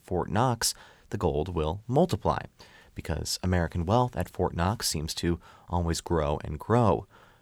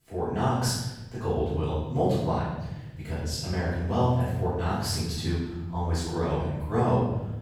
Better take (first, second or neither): first